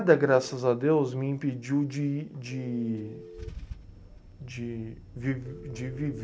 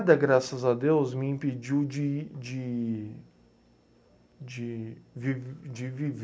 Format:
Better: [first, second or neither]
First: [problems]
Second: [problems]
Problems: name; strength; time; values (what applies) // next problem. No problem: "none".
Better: second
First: background sound (Telephone + Idling / Engine starting / Car); 17 dB below the speech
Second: none